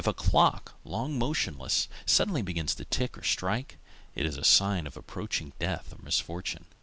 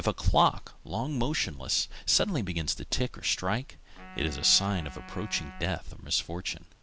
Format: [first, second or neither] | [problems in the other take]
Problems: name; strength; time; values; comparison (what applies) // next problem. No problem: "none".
first | background sound (Wind instrument, woodwind instrument); 19 dB below the speech